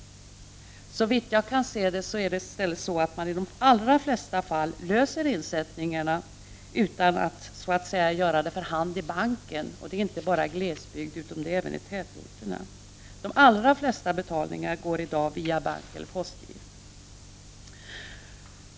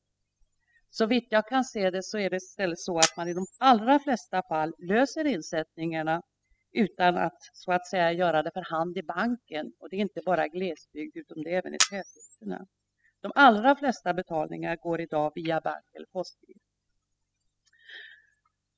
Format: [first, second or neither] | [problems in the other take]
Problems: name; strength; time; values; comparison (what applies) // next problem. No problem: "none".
first | noise reduction (classical method spectral subtraction)